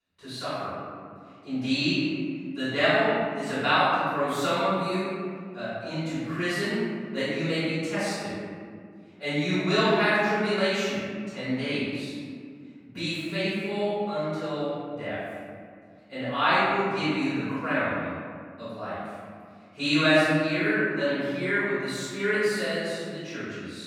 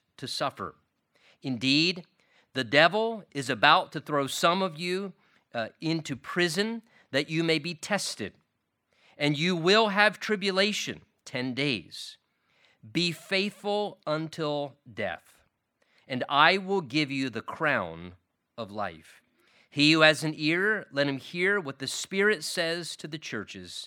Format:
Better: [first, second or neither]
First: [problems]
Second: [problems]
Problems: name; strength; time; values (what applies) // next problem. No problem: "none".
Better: second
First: off-mic speech; far // room echo; strong; dies away in 2 s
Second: none